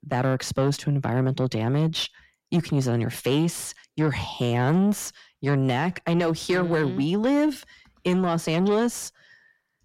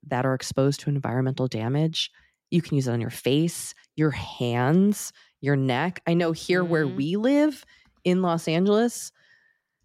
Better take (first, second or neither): second